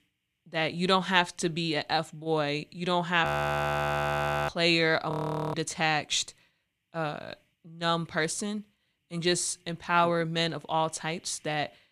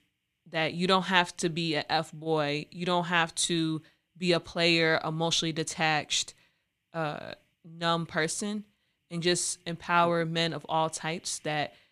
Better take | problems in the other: second | audio freezing; at 3.5 s for 1 s and at 5 s

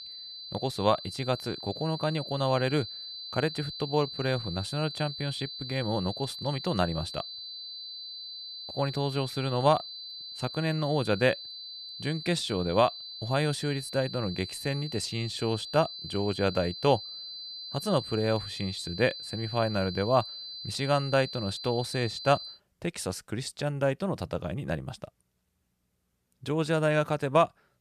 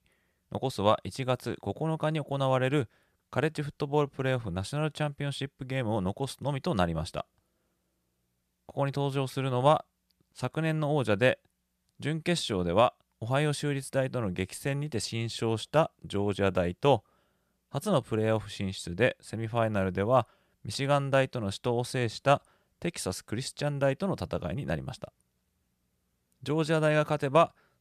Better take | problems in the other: second | high-pitched whine; loud; until 23 s; 4 kHz, 9 dB below the speech

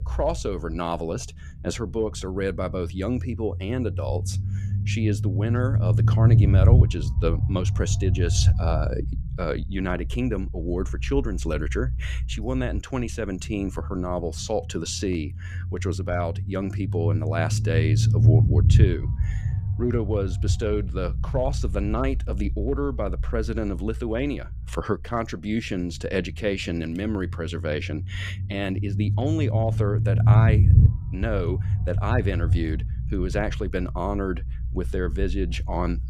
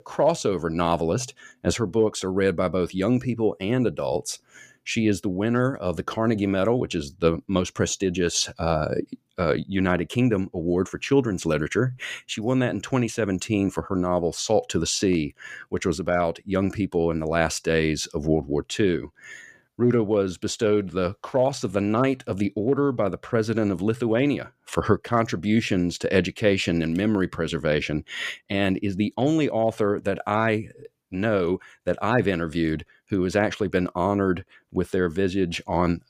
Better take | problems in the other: second | low rumble; loud; throughout; 8 dB below the speech

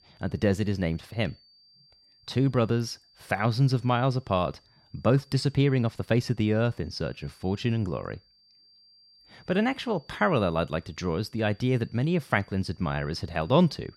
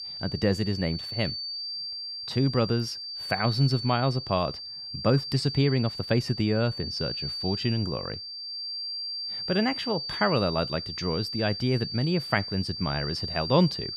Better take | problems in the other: first | high-pitched whine; loud; throughout; 4.5 kHz, 5 dB below the speech; faint in the first

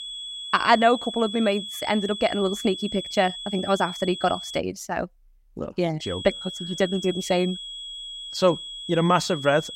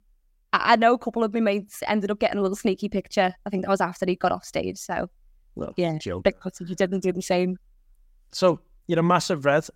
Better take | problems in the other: second | high-pitched whine; loud; until 4.5 s and from 6 s on; 3.5 kHz, 9 dB below the speech

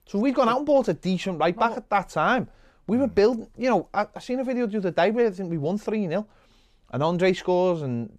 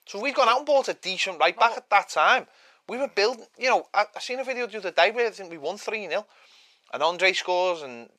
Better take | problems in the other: first | thin; very; fading below 700 Hz

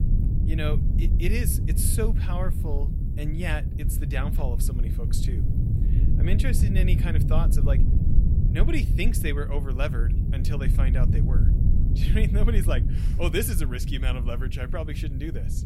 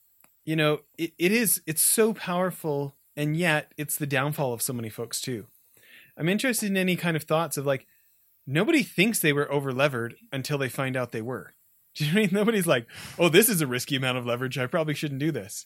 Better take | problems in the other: second | low rumble; loud; throughout; 5 dB below the speech

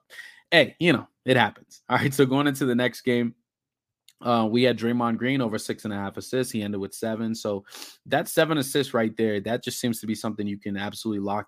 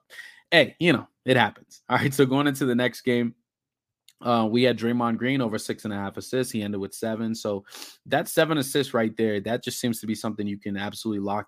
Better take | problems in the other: neither | none

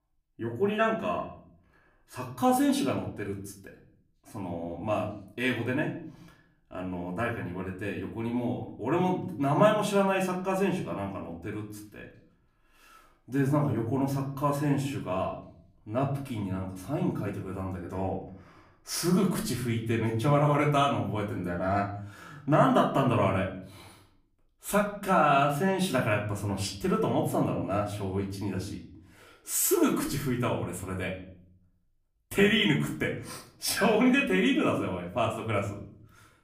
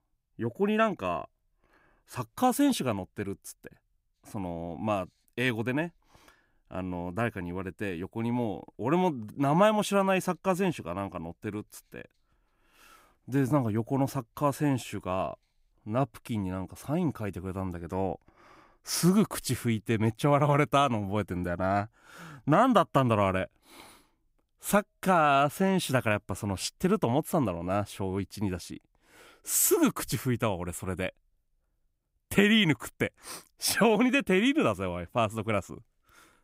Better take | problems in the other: second | room echo; slight; dies away in 0.5 s // off-mic speech; far

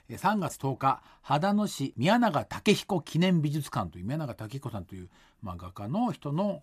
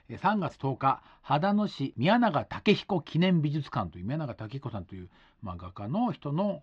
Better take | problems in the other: first | muffled; very slightly; fading above 4 kHz

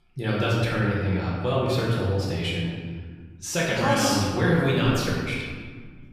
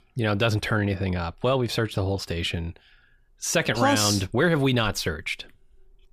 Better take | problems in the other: second | room echo; noticeable; dies away in 1.5 s // off-mic speech; far

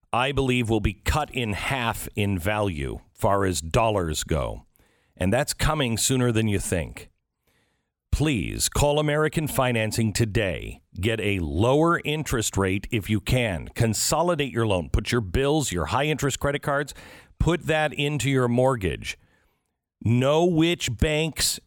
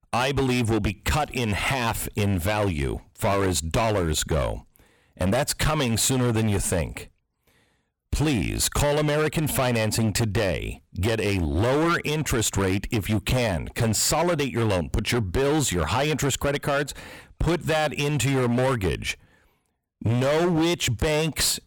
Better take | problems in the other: first | distortion; heavy; 18% of the sound clipped

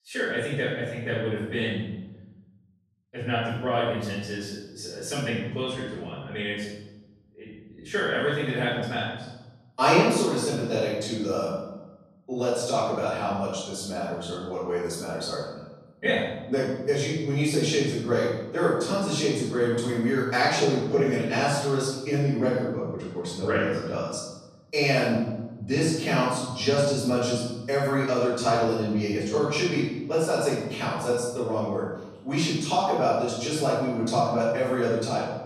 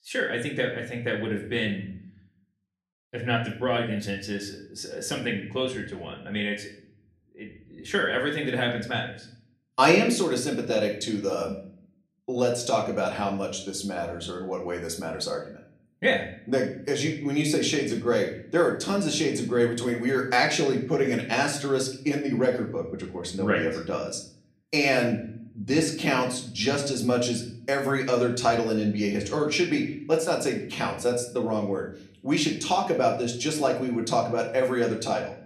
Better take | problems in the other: second | room echo; strong; dies away in 1 s; slight in the second // off-mic speech; far; somewhat distant in the second

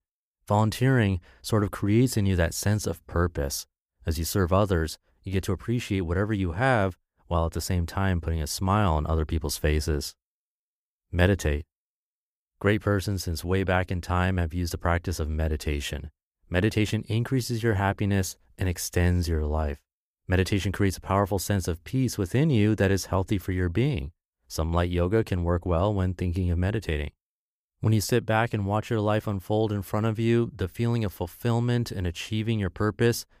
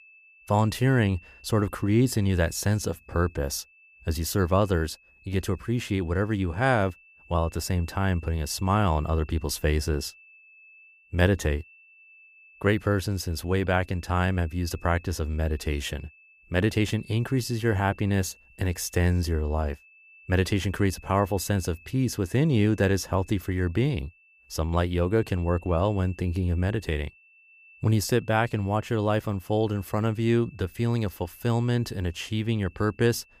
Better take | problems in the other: first | high-pitched whine; faint; throughout; 2.5 kHz, 25 dB below the speech

